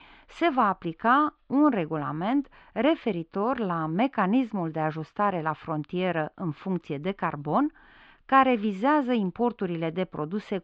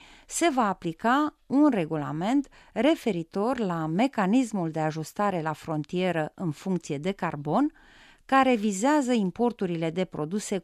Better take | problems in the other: second | muffled; very; fading above 3.5 kHz

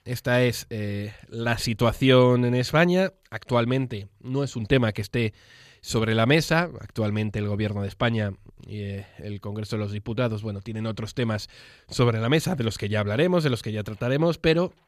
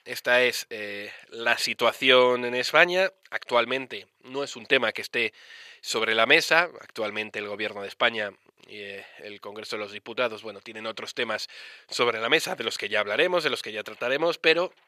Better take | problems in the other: first | thin; very; fading below 500 Hz

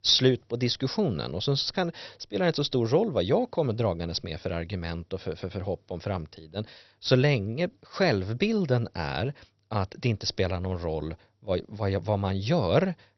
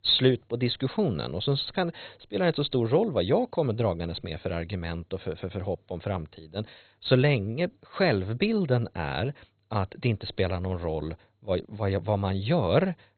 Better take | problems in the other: first | garbled, watery; badly; nothing above 4 kHz; slightly in the first

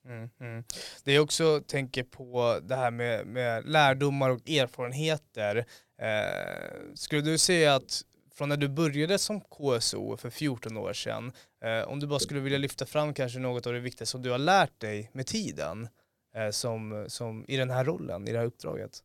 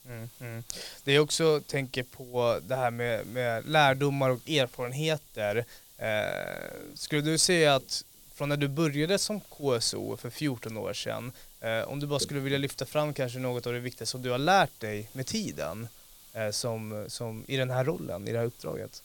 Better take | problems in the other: first | hiss; faint; throughout; 20 dB below the speech

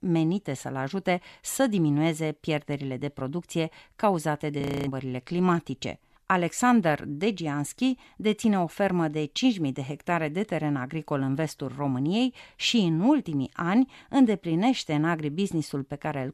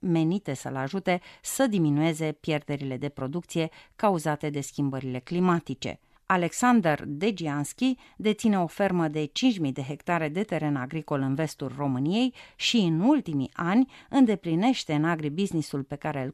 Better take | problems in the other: second | audio freezing; at 4.5 s

